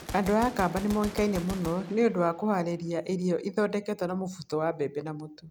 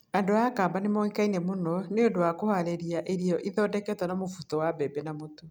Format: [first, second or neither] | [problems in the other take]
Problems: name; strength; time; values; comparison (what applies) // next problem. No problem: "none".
second | background sound (Gunshot, gunfire); 15 dB below the speech